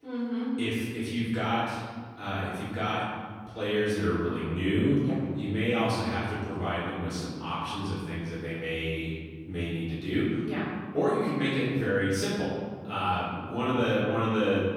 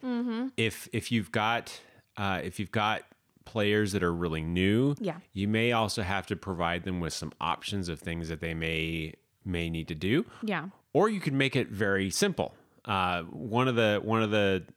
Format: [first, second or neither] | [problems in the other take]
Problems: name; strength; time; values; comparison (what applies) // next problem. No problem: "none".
second | room echo; strong; dies away in 1.9 s // off-mic speech; far